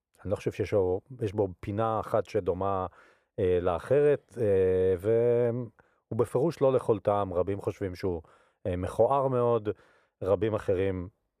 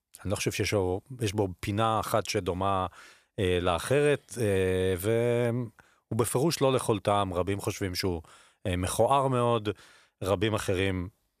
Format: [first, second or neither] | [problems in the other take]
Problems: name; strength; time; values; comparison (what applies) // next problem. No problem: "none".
second | muffled; very; fading above 2.5 kHz